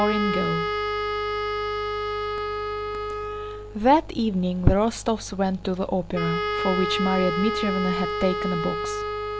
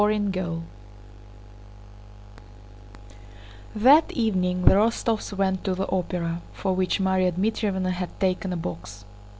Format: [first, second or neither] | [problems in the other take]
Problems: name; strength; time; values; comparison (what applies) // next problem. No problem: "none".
second | background sound (Wind instrument, woodwind instrument); 3 dB below the speech